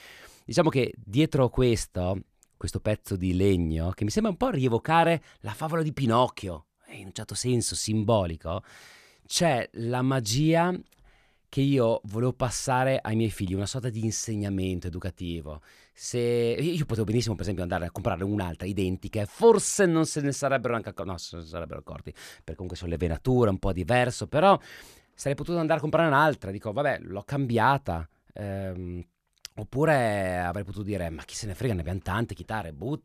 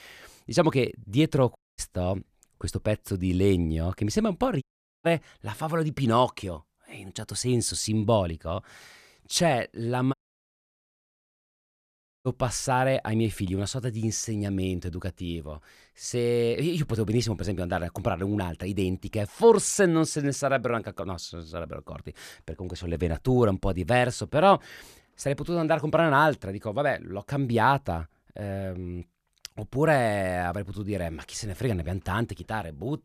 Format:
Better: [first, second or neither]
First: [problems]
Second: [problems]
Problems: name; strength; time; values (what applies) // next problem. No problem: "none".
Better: first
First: none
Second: audio cutting out; at 1.5 s, at 4.5 s and at 10 s for 2 s